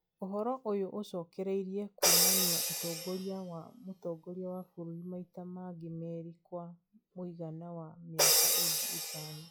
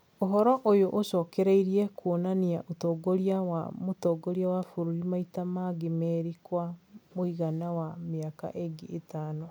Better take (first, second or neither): second